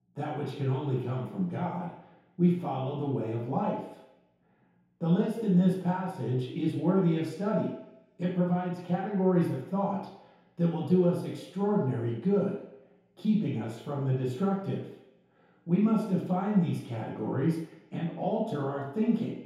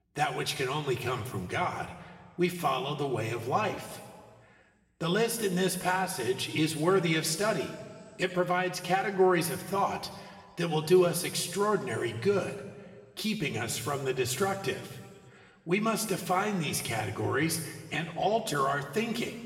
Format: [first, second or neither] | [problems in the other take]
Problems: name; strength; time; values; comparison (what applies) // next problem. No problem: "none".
second | room echo; strong; dies away in 0.8 s; slight in the second // off-mic speech; far; somewhat distant in the second